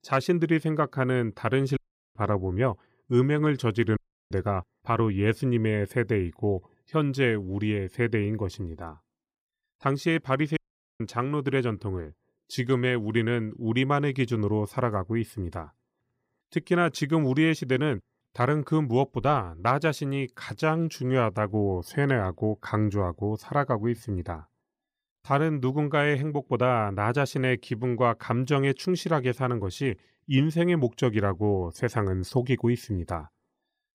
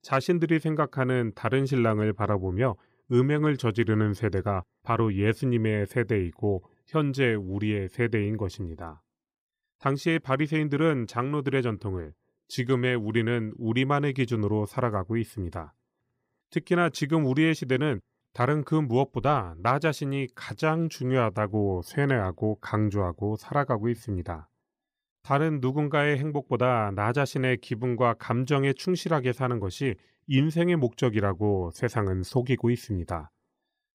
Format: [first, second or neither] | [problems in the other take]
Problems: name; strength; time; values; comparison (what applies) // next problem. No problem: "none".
second | audio cutting out; at 2 s, at 4 s and at 11 s